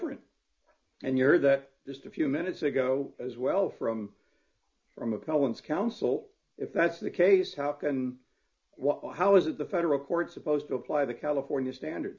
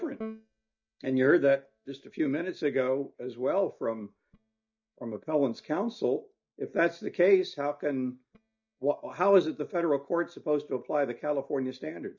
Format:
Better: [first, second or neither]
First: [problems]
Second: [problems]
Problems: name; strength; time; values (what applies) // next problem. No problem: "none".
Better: first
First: none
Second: noise reduction (neural mask model DeepFilterNet 3)